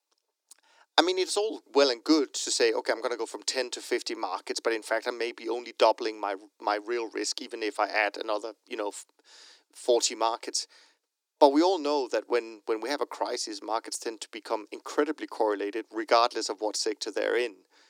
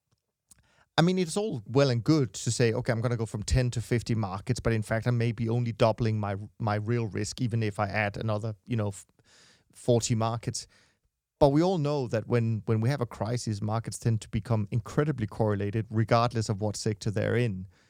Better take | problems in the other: second | thin; very; fading below 300 Hz

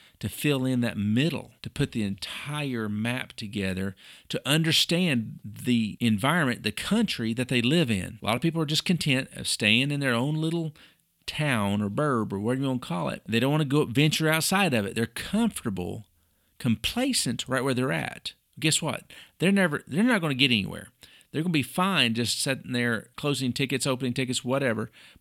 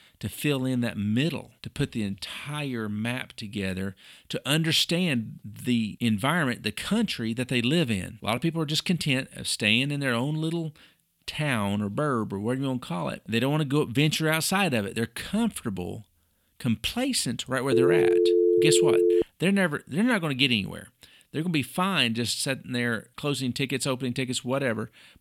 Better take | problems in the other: first | phone ringing; loud; from 18 to 19 s; peak 6 dB above the speech

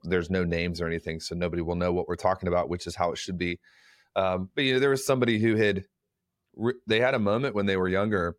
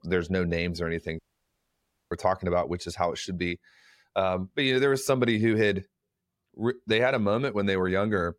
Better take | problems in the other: first | audio cutting out; at 1 s for 1 s

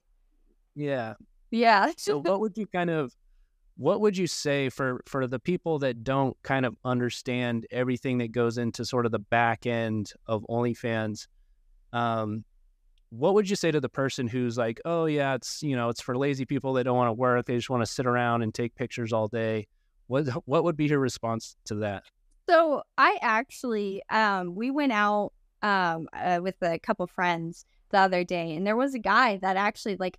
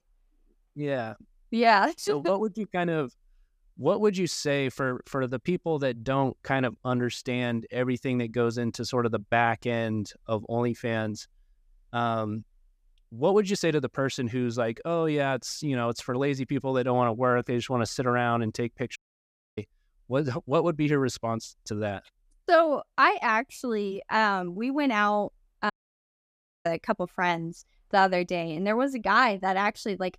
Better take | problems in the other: first | audio cutting out; at 19 s for 0.5 s and at 26 s for 1 s

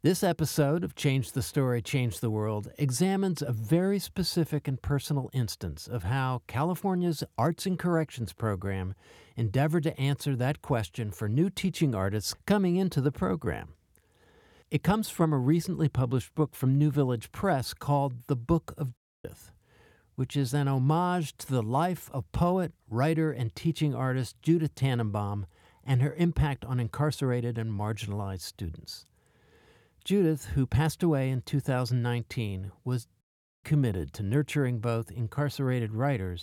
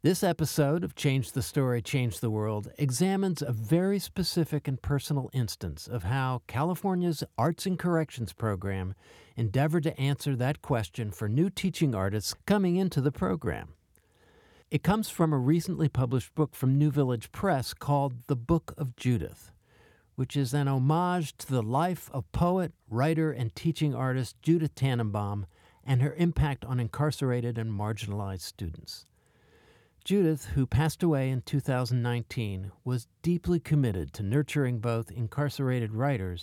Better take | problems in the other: second | audio cutting out; at 19 s and at 33 s

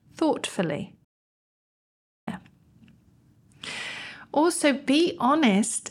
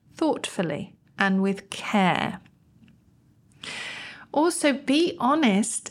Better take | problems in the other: second | audio cutting out; at 1 s for 1 s

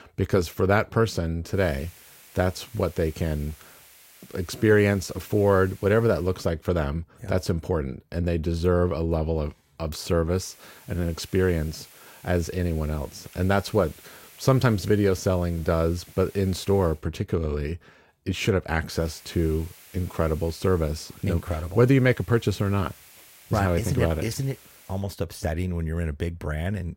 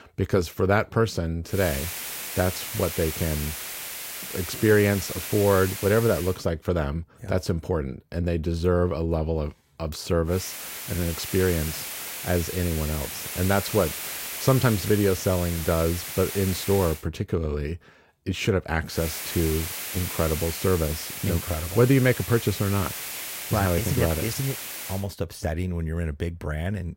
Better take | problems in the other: first | hiss; loud; from 1.5 to 6.5 s, from 10 to 17 s and from 19 to 25 s; 6 dB below the speech; faint in the first

